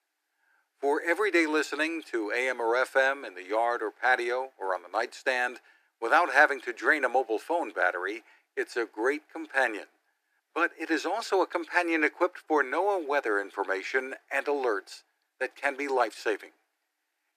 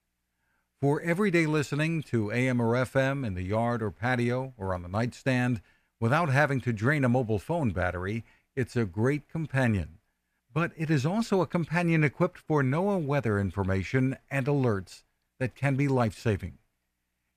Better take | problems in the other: second | thin; very; fading below 300 Hz

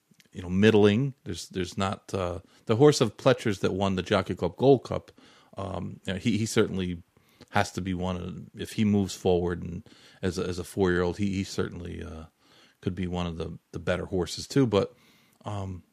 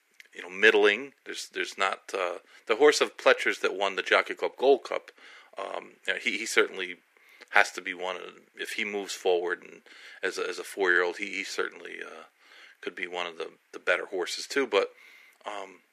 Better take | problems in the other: first | thin; very; fading below 350 Hz

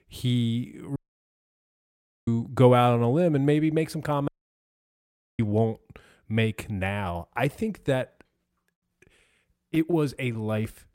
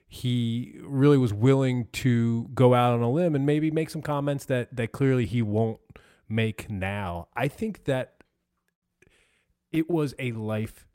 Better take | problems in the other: second | audio cutting out; at 1 s for 1.5 s and at 4.5 s for 1 s

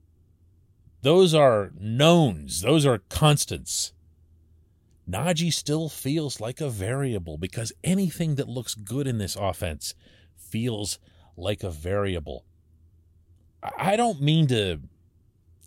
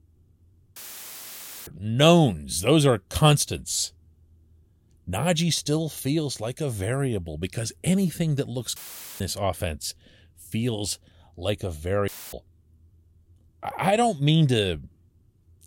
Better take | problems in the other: first | audio cutting out; filled with static; at 1 s for 1 s, at 9 s and at 12 s

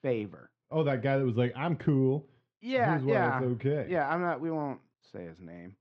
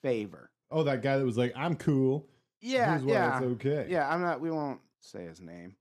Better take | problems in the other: second | muffled; slightly; fading above 3.5 kHz

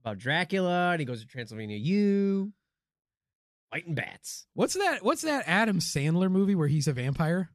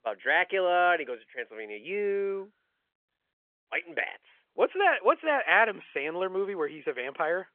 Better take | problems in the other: first | phone-call audio

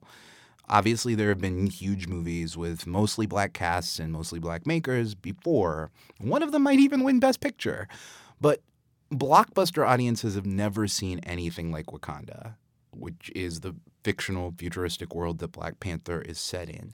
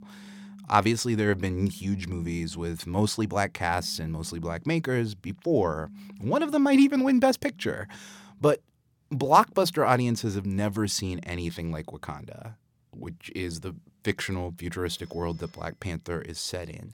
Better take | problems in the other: first | alarms or sirens; faint; throughout; 25 dB below the speech

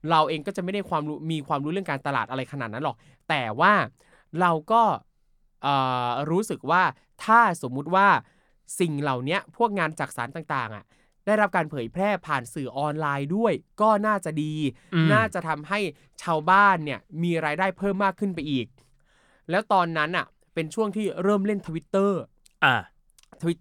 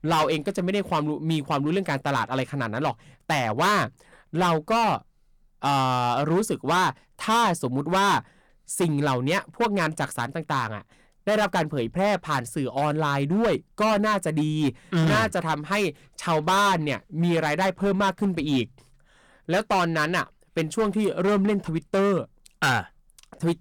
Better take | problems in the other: first | distortion; heavy; 12% of the sound clipped

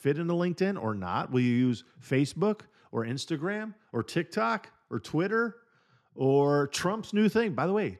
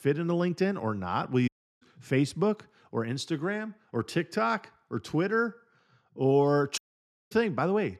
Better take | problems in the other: first | audio cutting out; at 1.5 s and at 7 s for 0.5 s

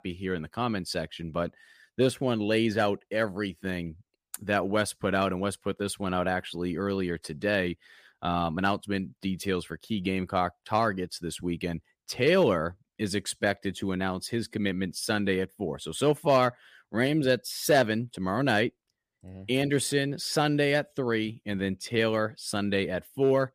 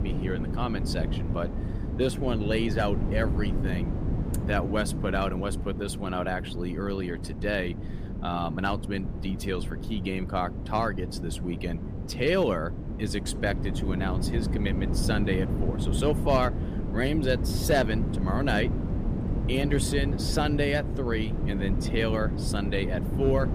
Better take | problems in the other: first | wind noise on the microphone; heavy; 9 dB below the speech

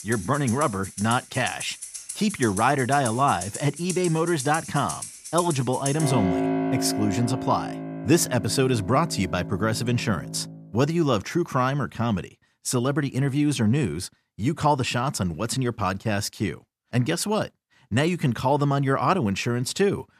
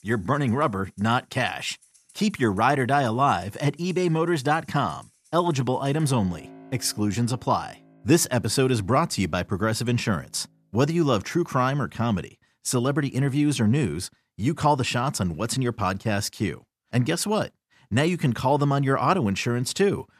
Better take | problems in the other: second | background music; loud; until 10 s; 7 dB below the speech; faint in the second

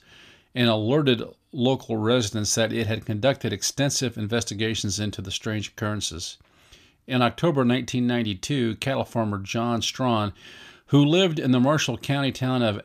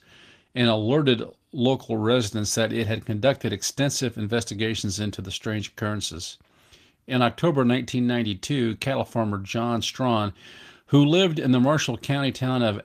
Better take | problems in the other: first | garbled, watery; slightly; nothing above 14.5 kHz

